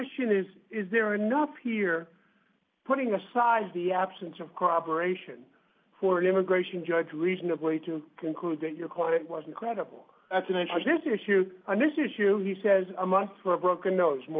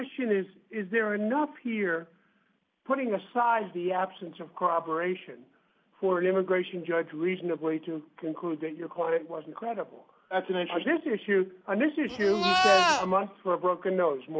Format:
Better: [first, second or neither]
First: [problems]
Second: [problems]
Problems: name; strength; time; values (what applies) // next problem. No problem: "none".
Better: first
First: none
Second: background sound (Livestock, farm animals, working animals); 4 dB above the speech